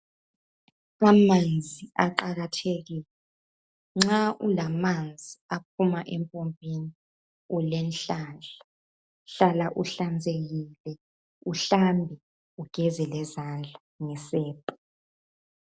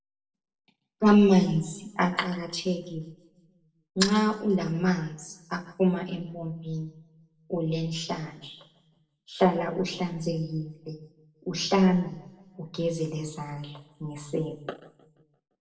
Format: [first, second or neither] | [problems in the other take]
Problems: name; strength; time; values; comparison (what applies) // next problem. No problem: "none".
first | room echo; dies away in 0.7 s